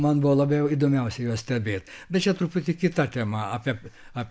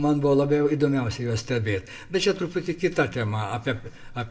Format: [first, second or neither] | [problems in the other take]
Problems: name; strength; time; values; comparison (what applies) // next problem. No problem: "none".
first | room echo; dies away in 0.7 s